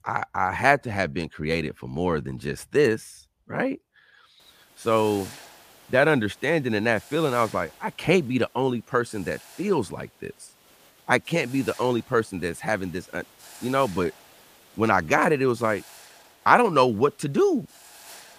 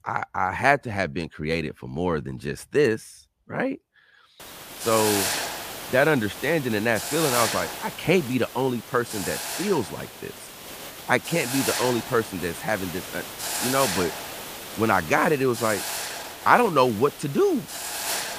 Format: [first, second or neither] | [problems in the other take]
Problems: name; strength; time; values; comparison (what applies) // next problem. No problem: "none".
first | hiss; loud; from 4.5 s on; 6 dB below the speech; faint in the first